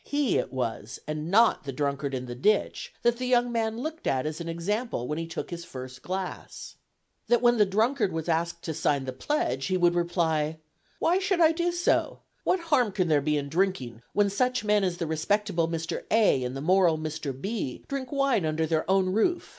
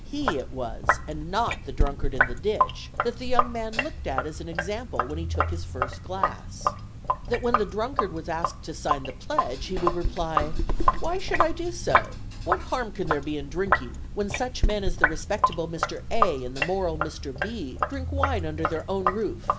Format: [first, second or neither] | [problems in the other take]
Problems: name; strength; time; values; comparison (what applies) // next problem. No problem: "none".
first | background sound (Sink (filling or washing)); 4 dB above the speech